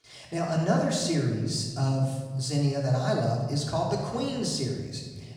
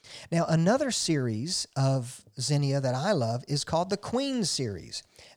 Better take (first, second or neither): second